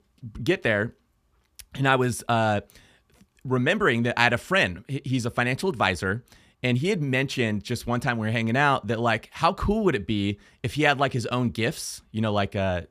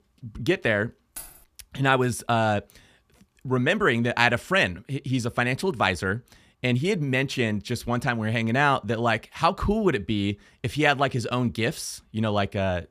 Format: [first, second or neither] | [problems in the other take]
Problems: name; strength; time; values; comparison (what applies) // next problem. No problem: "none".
first | jangling keys; faint; at 1 s; peak 15 dB below the speech